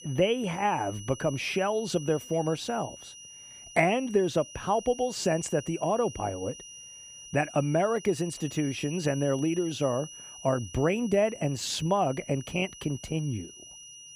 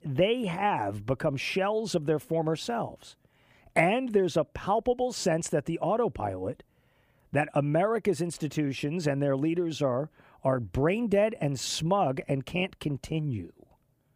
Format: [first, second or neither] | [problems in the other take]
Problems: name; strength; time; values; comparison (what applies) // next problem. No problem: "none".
second | high-pitched whine; noticeable; throughout; 6 kHz, 15 dB below the speech